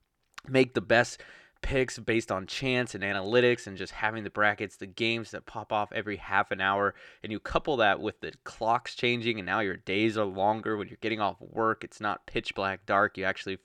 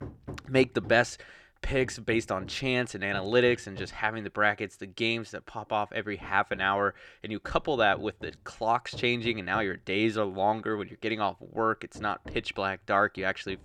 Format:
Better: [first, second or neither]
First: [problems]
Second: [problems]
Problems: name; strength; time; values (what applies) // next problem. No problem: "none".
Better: first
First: none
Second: machinery noise; noticeable; throughout; 20 dB below the speech